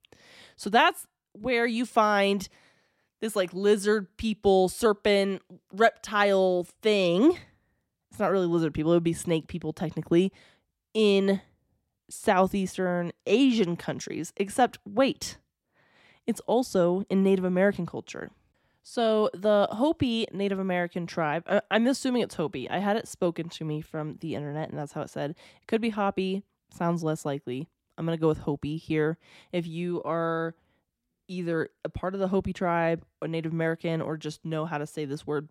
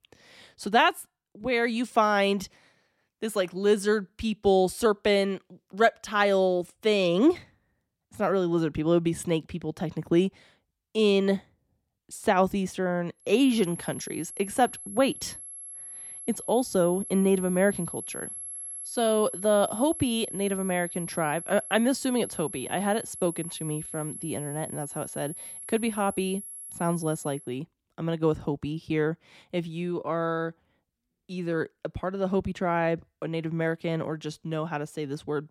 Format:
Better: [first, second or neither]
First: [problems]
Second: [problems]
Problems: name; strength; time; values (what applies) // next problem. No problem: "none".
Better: first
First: none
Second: high-pitched whine; loud; from 13 to 27 s; 11 kHz, 10 dB below the speech